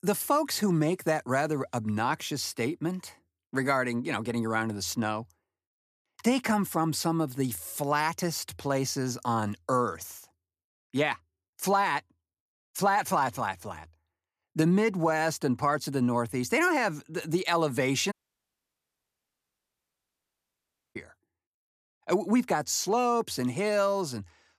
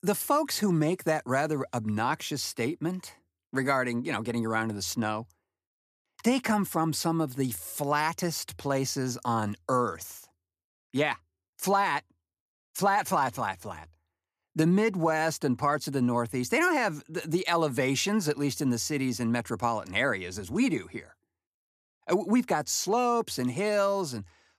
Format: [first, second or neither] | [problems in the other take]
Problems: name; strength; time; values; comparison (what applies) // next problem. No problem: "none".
second | audio cutting out; at 18 s for 3 s